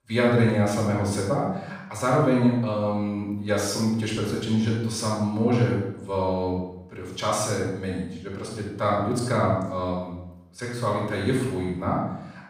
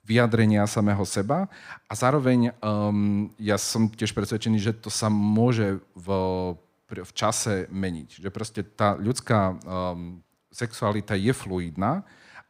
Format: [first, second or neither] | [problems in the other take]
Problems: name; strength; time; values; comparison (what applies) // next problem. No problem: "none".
second | off-mic speech; far // room echo; strong; dies away in 0.7 s